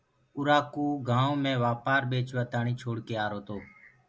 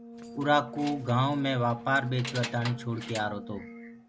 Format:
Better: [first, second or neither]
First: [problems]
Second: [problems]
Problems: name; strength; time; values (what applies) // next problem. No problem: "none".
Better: first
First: none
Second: background sound (Brass instrument + Keys jangling); 12 dB below the speech